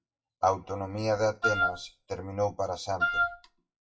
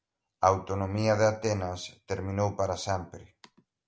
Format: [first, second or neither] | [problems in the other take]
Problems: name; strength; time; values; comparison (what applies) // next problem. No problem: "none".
second | noise reduction (classical method WPE with log-MMSE)